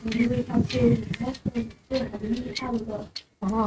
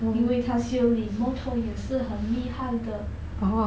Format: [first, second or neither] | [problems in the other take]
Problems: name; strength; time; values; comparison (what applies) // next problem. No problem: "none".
second | noise reduction (neural mask model RNNoise)